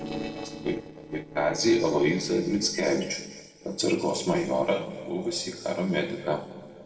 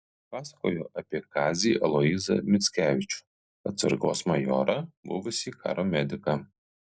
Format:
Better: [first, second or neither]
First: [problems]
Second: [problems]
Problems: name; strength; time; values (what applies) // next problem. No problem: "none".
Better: second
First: noise reduction (neural separator model SepFormer DNS4)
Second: none